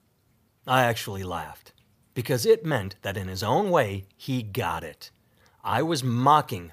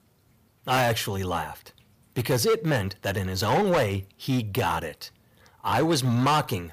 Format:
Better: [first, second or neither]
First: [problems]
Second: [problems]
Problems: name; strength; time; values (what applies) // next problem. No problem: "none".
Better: first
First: none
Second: distortion; heavy; 8% of the sound clipped